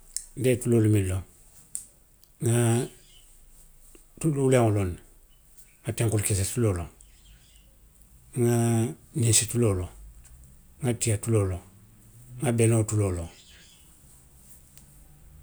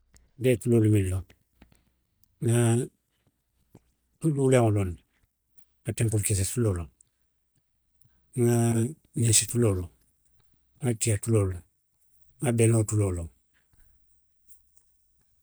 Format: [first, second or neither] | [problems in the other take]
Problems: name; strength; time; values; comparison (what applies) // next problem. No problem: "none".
first | noise reduction (neural mask model DeepFilterNet 3)